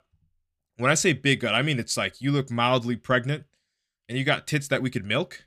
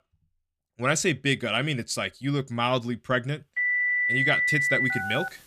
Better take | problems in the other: first | alarms or sirens; very loud; from 3 s on; 4 dB above the speech

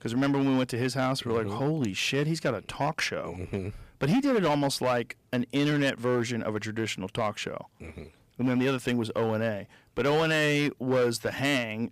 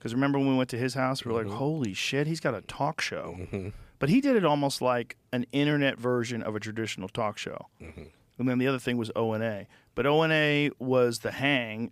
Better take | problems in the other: second | distortion; slight; 8% of the sound clipped

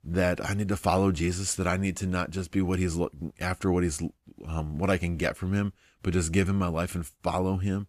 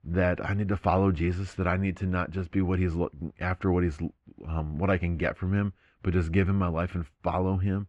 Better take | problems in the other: first | muffled; very; fading above 2 kHz

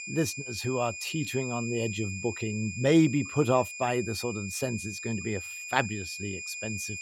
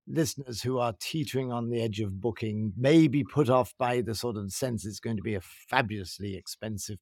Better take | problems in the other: second | high-pitched whine; loud; throughout; 2.5 kHz, 7 dB below the speech

